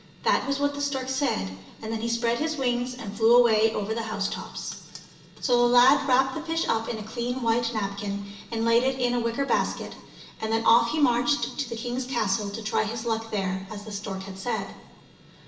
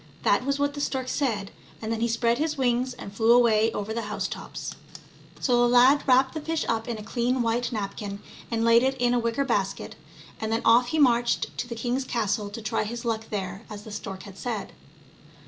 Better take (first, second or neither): second